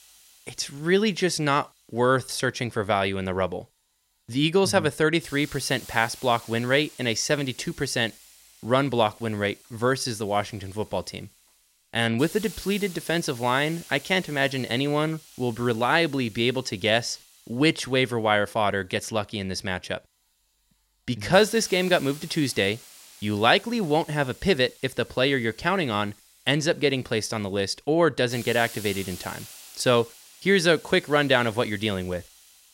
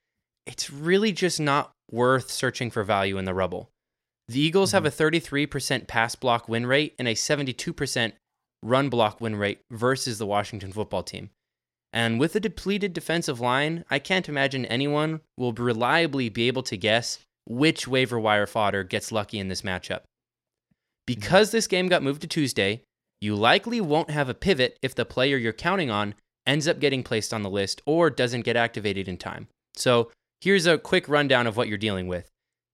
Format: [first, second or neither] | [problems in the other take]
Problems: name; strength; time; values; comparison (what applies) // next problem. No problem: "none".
second | hiss; faint; throughout; 20 dB below the speech